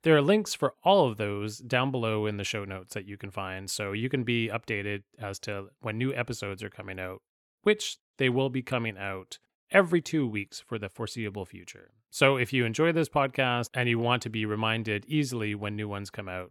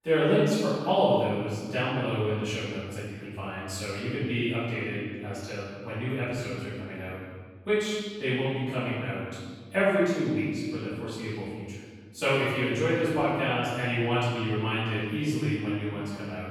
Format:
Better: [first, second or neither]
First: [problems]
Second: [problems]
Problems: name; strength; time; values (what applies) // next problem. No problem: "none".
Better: first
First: none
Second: off-mic speech; far // room echo; strong; dies away in 1.6 s